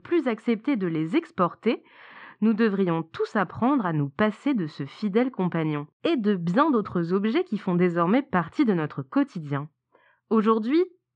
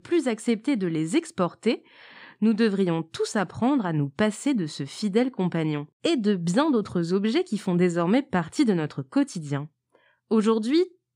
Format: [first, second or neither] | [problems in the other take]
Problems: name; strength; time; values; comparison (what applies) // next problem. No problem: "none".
second | muffled; slightly; fading above 2.5 kHz